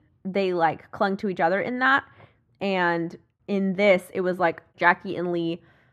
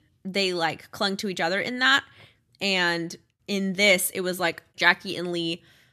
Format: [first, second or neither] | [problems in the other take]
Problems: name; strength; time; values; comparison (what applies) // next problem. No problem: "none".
second | muffled; very; fading above 3 kHz